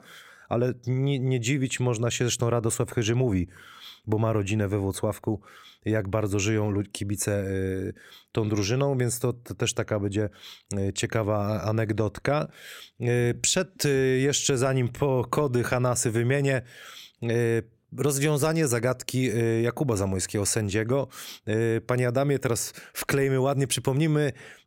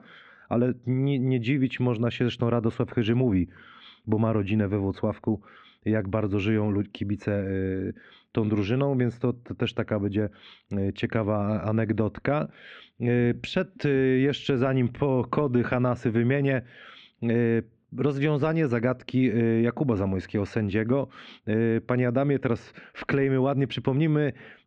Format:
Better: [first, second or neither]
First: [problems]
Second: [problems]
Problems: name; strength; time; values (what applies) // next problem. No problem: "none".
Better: first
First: none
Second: muffled; very; fading above 3 kHz